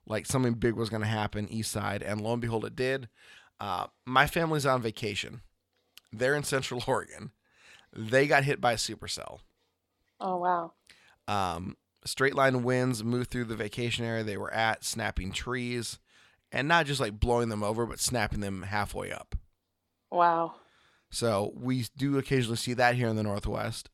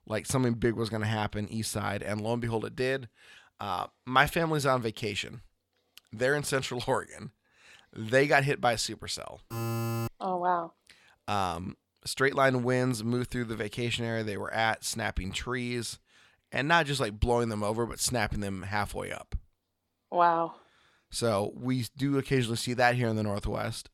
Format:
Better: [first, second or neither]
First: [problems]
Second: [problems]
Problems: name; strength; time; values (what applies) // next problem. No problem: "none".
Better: first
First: none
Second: alarm; noticeable; at 9.5 s; peak 2 dB below the speech